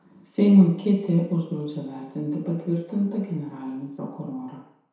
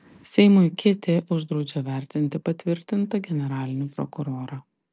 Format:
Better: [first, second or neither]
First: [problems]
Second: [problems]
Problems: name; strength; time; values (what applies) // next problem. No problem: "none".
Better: second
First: room echo; dies away in 0.7 s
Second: none